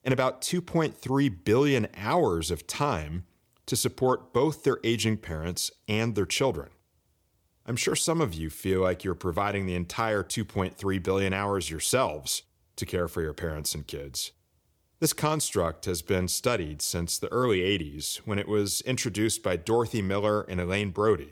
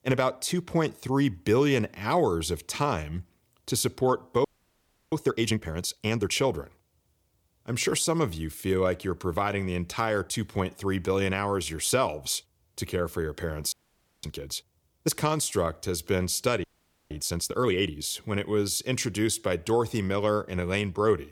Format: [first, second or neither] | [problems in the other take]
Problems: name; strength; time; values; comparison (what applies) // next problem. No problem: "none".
first | audio freezing; at 4.5 s for 0.5 s, at 14 s for 0.5 s and at 17 s